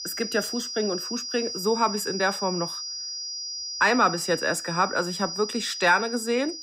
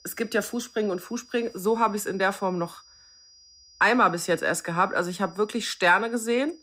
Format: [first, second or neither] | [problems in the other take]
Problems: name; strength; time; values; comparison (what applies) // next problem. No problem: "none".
second | high-pitched whine; loud; throughout; 5 kHz, 6 dB below the speech; faint in the second